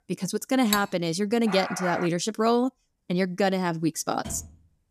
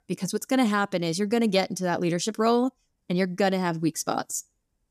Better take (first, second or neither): second